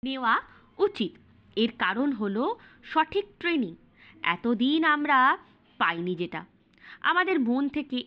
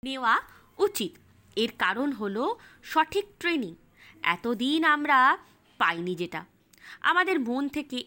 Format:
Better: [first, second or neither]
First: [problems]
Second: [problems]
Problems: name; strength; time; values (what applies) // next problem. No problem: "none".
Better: second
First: muffled; very slightly; fading above 3.5 kHz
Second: none